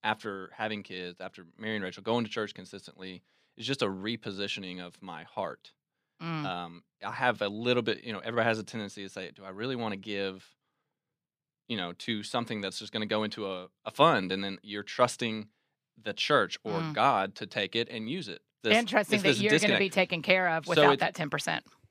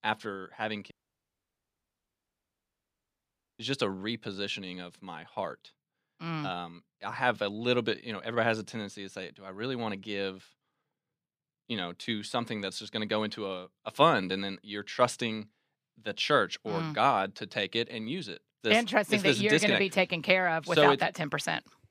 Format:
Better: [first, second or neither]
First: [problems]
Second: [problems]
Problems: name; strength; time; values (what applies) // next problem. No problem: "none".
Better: first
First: none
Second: audio cutting out; at 1 s for 2.5 s